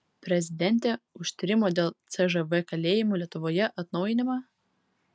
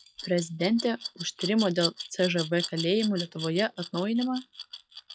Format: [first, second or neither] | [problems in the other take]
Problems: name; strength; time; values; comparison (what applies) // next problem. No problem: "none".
first | noise reduction (classical method log-MMSE)